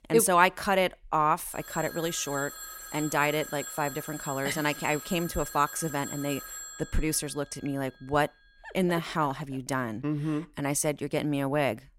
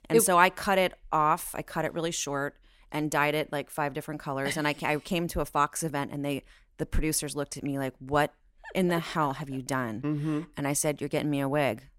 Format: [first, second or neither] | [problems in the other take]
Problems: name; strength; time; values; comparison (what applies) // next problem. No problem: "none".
second | phone ringing; noticeable; from 1.5 to 8 s; peak 9 dB below the speech